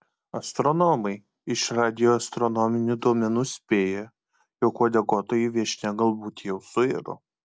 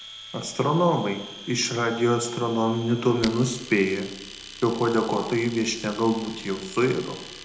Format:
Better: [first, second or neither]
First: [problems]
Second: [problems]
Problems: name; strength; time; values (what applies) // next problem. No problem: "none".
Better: first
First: none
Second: background sound (Domestic sounds, home sounds); 16 dB below the speech // room echo; dies away in 0.7 s